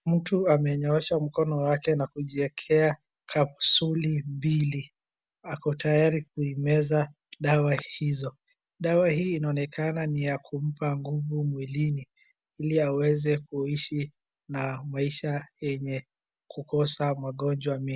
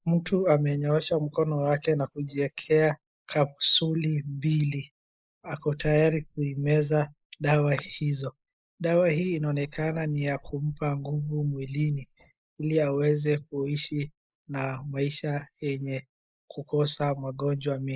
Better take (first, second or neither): first